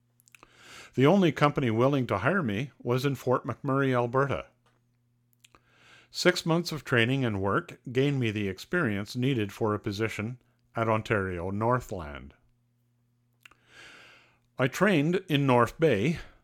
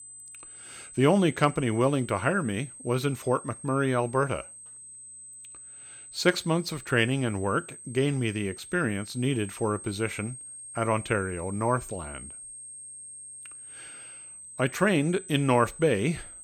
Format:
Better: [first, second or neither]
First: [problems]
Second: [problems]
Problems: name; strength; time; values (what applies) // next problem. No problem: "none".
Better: first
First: none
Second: high-pitched whine; noticeable; throughout; 8.5 kHz, 15 dB below the speech